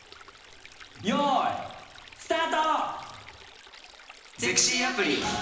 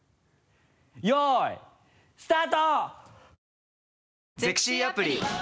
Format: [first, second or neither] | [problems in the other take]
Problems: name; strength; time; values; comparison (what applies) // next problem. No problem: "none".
second | background sound (Stream); 19 dB below the speech // room echo; dies away in 1 s